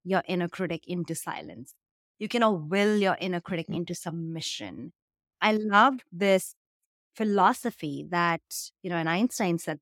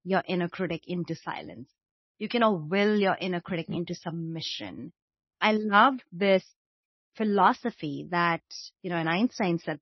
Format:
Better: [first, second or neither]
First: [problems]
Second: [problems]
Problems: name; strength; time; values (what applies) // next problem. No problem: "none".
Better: first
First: none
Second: garbled, watery; slightly; nothing above 6 kHz